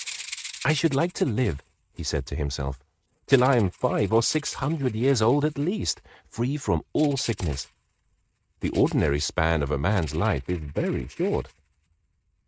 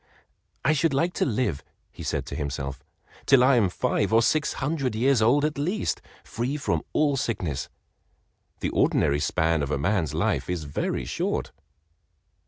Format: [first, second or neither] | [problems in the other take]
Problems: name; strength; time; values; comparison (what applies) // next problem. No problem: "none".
second | noise reduction (neural mask model RNNoise)